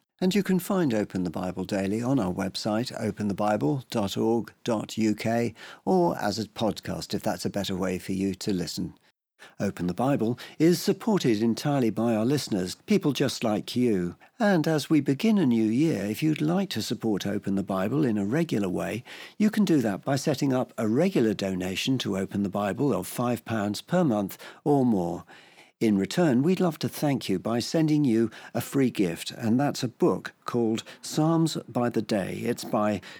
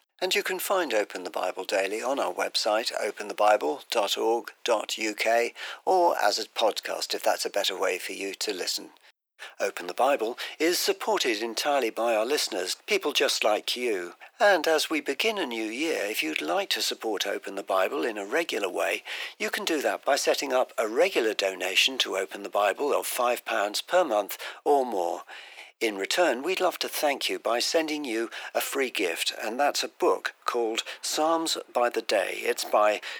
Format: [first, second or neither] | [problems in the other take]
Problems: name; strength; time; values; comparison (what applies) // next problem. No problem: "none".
first | thin; very; fading below 450 Hz